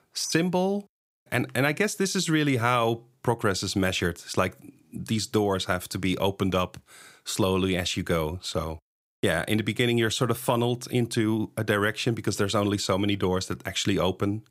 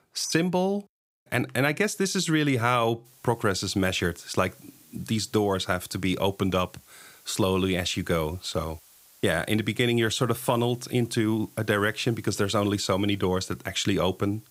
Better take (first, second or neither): first